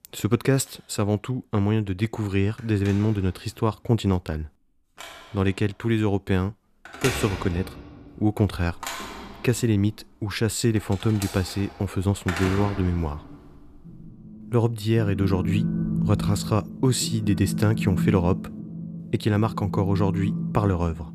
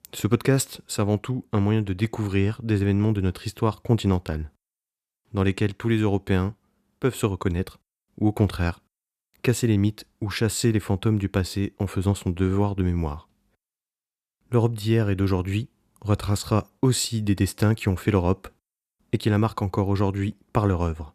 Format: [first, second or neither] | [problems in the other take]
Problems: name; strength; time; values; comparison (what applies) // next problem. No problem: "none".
second | alarms or sirens; loud; throughout; 6 dB below the speech